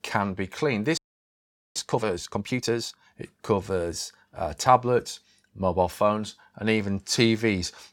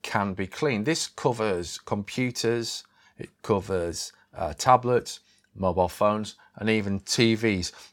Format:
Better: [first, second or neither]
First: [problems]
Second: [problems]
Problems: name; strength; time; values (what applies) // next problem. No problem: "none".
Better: second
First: audio freezing; at 1 s for 1 s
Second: none